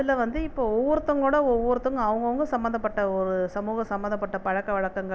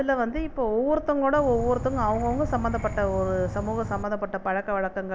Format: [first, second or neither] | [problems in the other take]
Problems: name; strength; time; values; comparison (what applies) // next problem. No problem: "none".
first | background sound (Insect); 7 dB below the speech